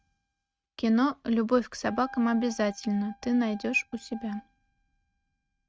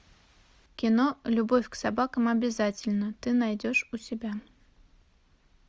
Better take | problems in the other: second | noise reduction (neural mask model RNNoise)

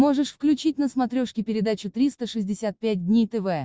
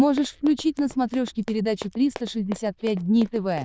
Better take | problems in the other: first | noise reduction (neural diffusion model UNIVERSE++)

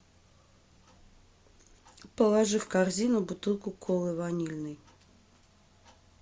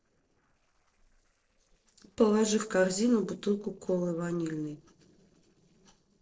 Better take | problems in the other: first | noise reduction (neural separator model SepFormer DNS4)

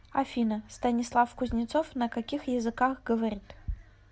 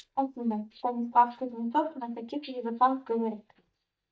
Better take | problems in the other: first | noise reduction (neural mask model DeepFilterNet 3)

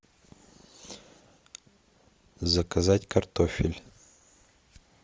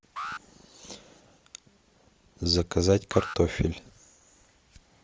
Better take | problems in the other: first | background sound (Alarm); 13 dB below the speech

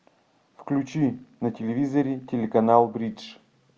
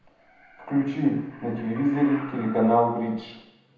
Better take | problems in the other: first | background sound (Animal); 20 dB below the speech // room echo; dies away in 0.8 s

